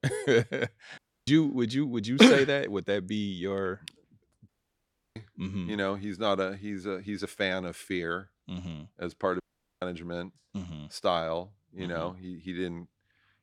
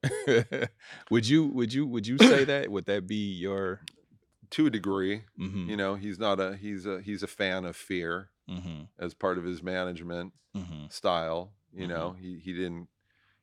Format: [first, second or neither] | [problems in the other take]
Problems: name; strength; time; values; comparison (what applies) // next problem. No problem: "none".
second | audio cutting out; at 1 s, at 4.5 s for 0.5 s and at 9.5 s